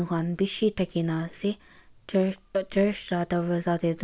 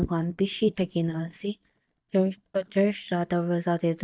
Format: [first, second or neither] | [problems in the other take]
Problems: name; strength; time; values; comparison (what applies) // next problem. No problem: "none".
first | noise reduction (neural mask model DeepFilterNet 3)